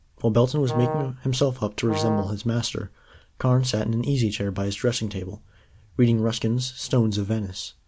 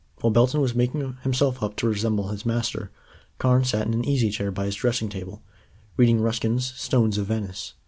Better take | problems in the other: second | background sound (Brass instrument); 6 dB below the speech

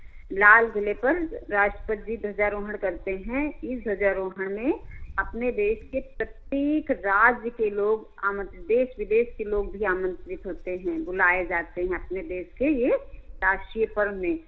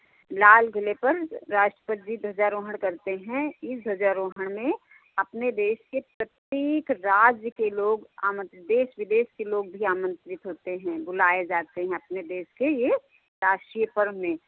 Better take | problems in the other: second | background sound (Wind); 15 dB below the speech // room echo; dies away in 0.5 s

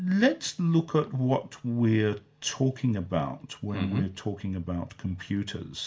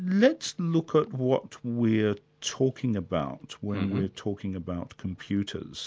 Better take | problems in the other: second | room echo; dies away in 0.3 s

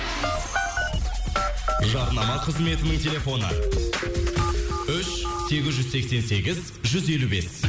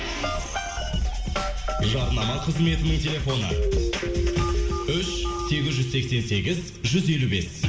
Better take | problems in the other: first | background sound (Snare drum); 18 dB below the speech // room echo; dies away in 0.7 s

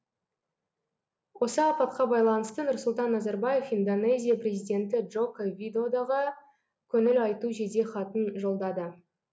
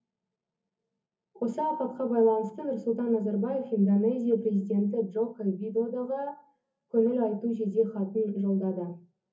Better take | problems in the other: first | room echo; dies away in 0.3 s

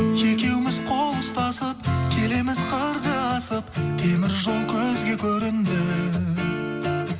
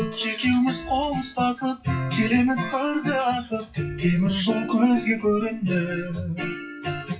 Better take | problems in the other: first | noise reduction (classical method WPE with log-MMSE)

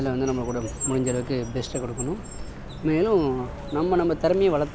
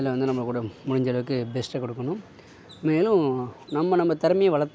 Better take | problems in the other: second | background sound (Car); 10 dB below the speech

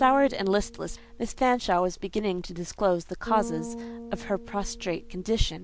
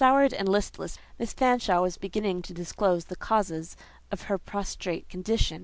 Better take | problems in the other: second | background sound (Bass guitar); 15 dB below the speech

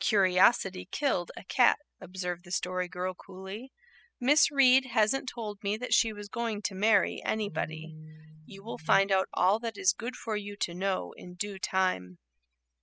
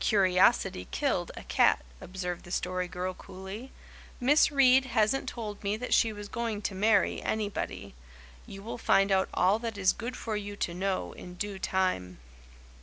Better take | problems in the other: second | noise reduction (classical method spectral subtraction)

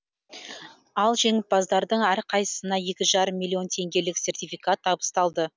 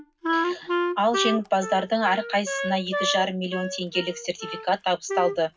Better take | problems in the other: first | background sound (Wind instrument, woodwind instrument); 4 dB below the speech // room echo; dies away in 0.4 s

